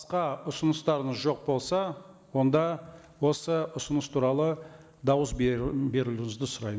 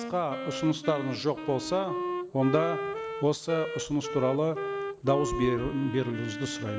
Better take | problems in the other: first | background sound (Wind instrument, woodwind instrument); 6 dB below the speech

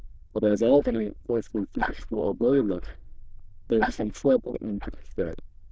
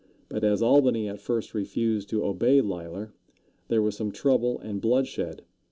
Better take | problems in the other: second | noise reduction (neural diffusion model UNIVERSE++)

